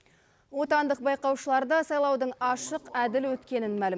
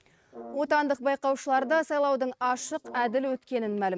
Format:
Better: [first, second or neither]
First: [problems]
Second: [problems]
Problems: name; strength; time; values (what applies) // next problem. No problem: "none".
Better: first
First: none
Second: noise reduction (neural mask model RNNoise)